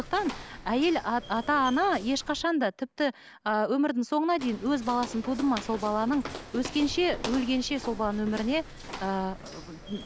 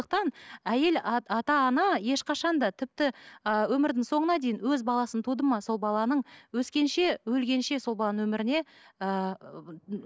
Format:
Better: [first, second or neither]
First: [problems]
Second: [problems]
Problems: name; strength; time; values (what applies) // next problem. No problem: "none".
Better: second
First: background sound (Walk, footsteps); 14 dB below the speech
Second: none